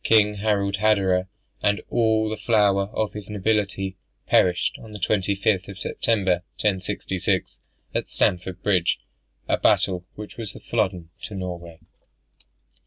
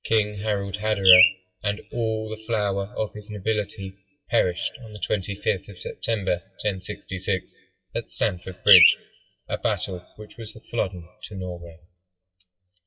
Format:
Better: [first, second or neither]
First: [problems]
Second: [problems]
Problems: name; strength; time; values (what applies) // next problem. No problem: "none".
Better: first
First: none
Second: noise reduction (classical method WPE with log-MMSE)